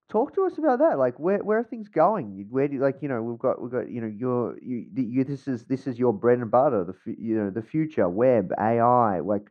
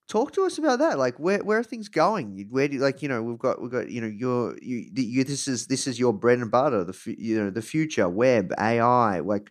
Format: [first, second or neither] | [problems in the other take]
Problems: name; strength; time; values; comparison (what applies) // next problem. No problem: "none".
second | muffled; very; fading above 3.5 kHz